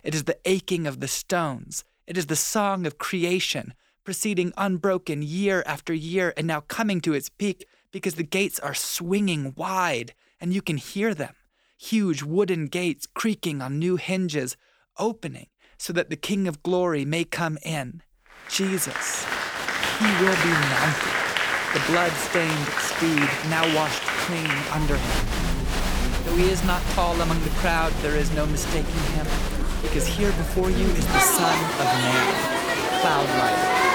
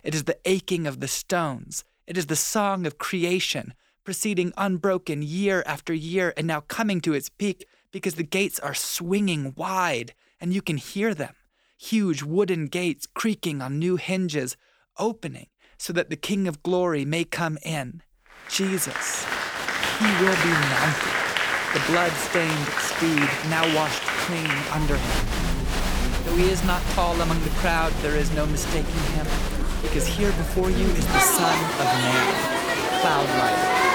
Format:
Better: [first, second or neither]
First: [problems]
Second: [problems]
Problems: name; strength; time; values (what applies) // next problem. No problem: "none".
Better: neither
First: crowd noise; very loud; from 19 s on; 2 dB above the speech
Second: crowd noise; very loud; from 19 s on; 2 dB above the speech